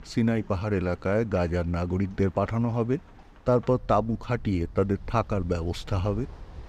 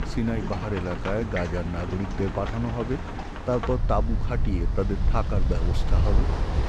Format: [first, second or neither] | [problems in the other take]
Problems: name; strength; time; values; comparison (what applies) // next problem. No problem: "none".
first | rain or running water; loud; throughout; as loud as the speech; faint in the first